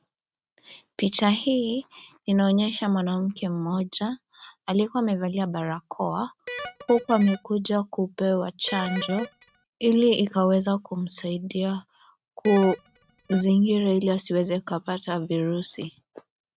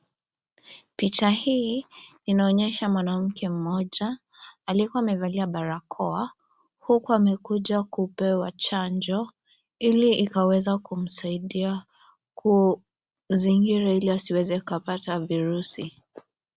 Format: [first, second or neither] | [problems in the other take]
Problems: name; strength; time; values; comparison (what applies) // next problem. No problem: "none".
second | noise reduction (neural mask model RNNoise)